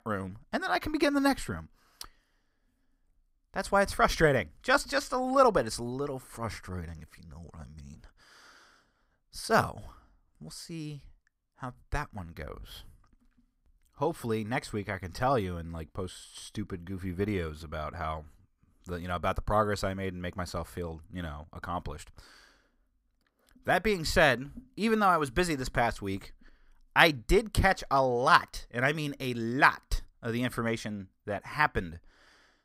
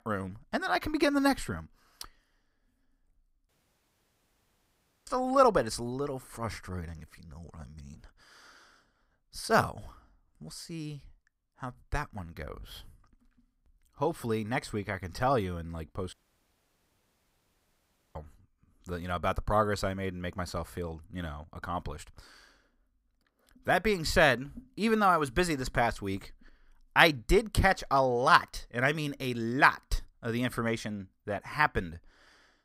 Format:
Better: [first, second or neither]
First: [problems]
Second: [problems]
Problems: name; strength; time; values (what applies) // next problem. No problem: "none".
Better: first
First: none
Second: audio cutting out; at 3.5 s for 1.5 s and at 16 s for 2 s